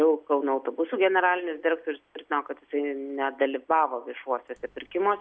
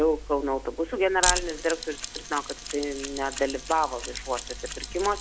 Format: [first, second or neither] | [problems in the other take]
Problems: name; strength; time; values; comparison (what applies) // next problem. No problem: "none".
first | background sound (Mechanisms); 6 dB below the speech